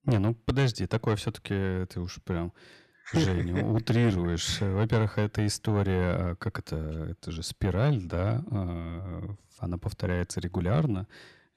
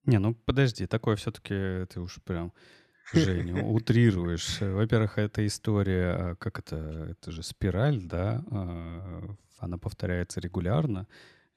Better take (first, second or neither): second